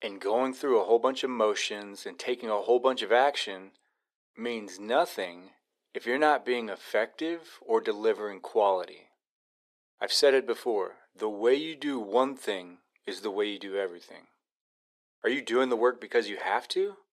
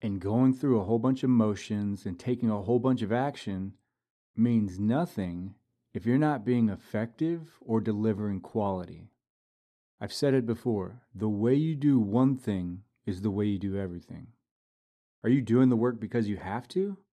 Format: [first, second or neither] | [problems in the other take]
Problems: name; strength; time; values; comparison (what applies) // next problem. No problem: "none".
second | thin; very; fading below 450 Hz